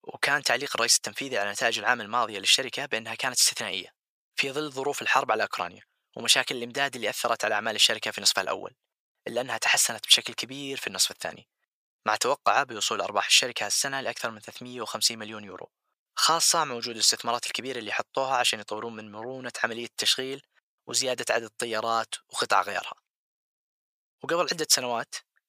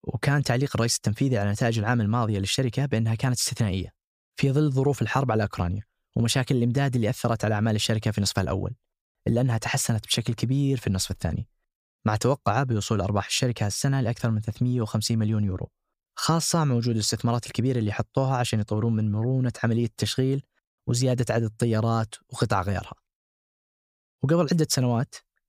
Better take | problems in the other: second | thin; very; fading below 700 Hz

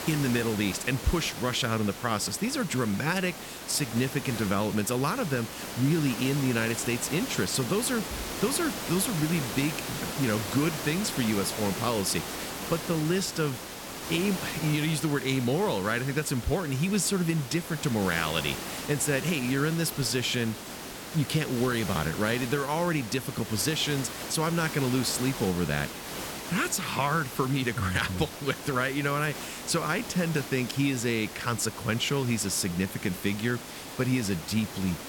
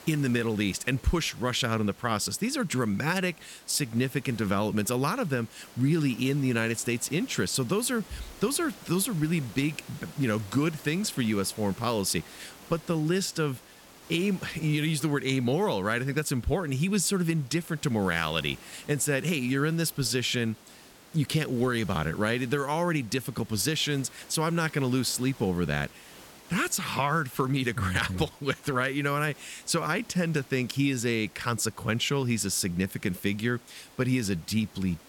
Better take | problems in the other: second | hiss; loud; throughout; 8 dB below the speech; faint in the second

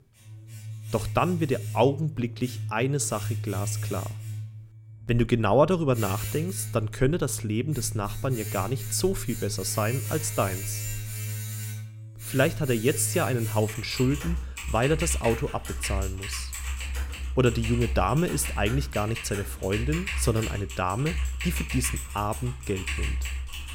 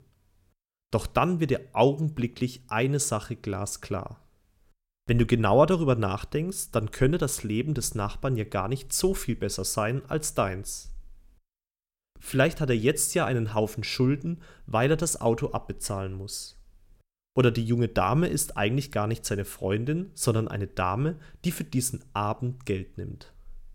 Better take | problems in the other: second | household noises; loud; throughout; 6 dB below the speech

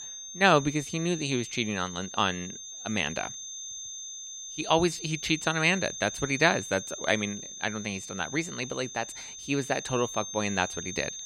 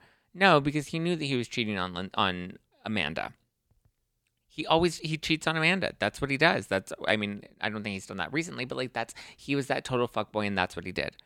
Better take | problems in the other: second | high-pitched whine; loud; throughout; 6.5 kHz, 9 dB below the speech

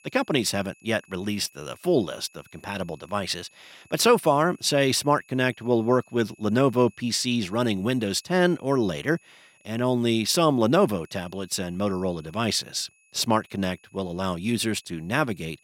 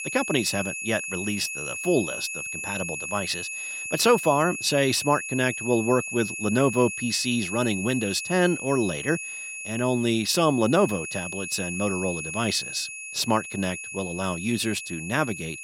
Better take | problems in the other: first | high-pitched whine; loud; throughout; 2.5 kHz, 6 dB below the speech; faint in the first

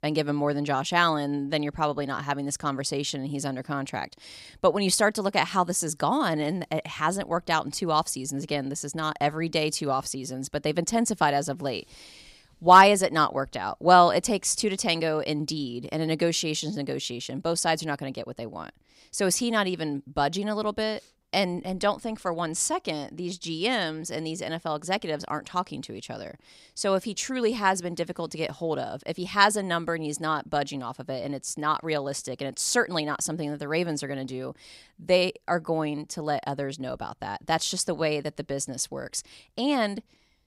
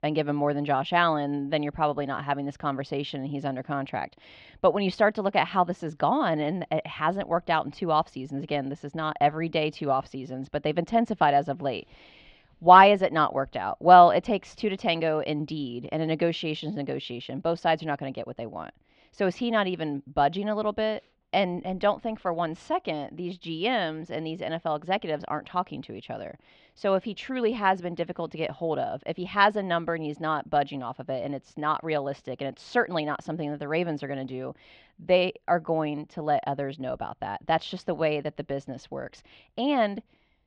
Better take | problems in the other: first | muffled; very; fading above 3 kHz

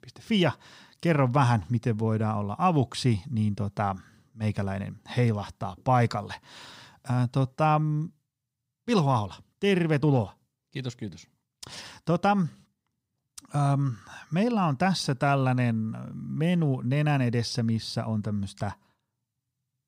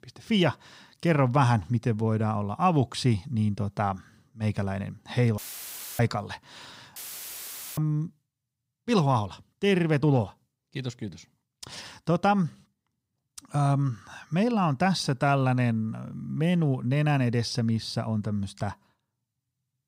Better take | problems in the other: first | audio cutting out; filled with static; at 5.5 s for 0.5 s and at 7 s for 1 s

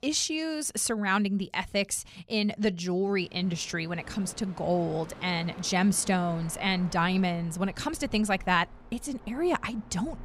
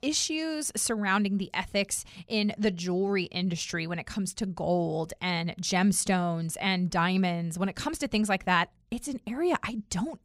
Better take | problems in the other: second | train or aircraft noise; noticeable; from 3 s on; 20 dB below the speech

